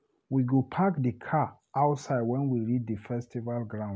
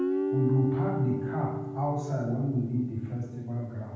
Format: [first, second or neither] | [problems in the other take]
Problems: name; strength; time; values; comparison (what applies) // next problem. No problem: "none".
first | background sound (Guitar); 4 dB below the speech // room echo; dies away in 1.2 s